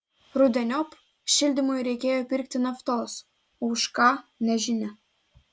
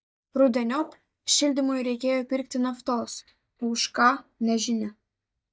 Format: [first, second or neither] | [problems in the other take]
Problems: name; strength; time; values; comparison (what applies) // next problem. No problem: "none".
first | noise reduction (neural mask model DeepFilterNet 3)